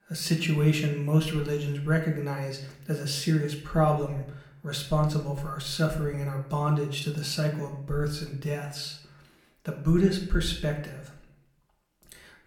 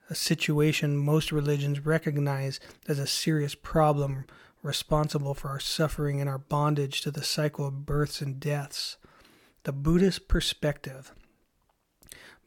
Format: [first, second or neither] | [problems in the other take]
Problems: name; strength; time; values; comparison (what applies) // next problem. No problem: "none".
second | room echo; slight; dies away in 0.6 s // off-mic speech; somewhat distant